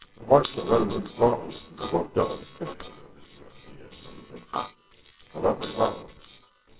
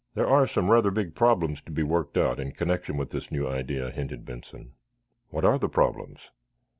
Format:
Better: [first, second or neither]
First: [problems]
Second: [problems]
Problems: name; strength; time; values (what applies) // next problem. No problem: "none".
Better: second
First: noise reduction (neural separator model SepFormer WHAMR!)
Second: none